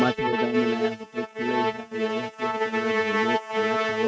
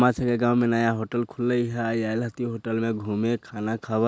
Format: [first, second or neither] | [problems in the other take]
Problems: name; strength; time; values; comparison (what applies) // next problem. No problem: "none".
second | noise reduction (neural mask model RNNoise)